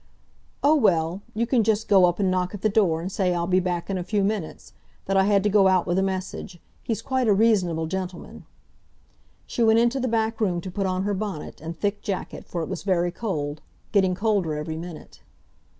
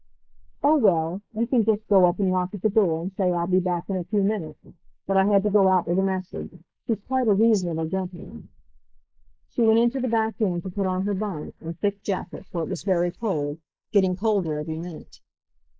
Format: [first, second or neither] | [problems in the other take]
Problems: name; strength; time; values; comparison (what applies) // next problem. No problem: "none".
first | noise reduction (neural mask model Resemble Enhance denoiser)